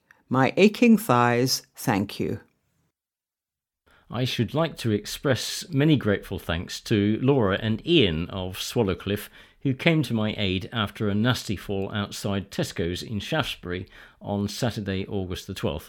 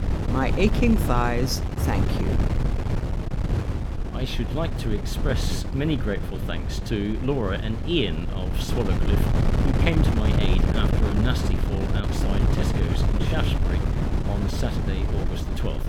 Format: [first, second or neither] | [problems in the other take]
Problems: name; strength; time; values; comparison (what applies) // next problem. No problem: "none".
first | wind noise on the microphone; heavy; 3 dB below the speech